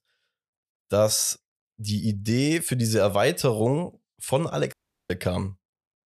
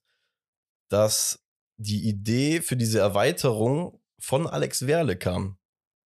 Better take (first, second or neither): second